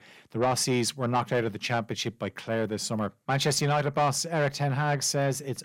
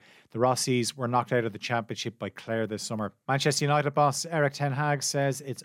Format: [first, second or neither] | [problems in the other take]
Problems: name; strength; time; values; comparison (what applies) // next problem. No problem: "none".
second | distortion; slight; 10 dB below the speech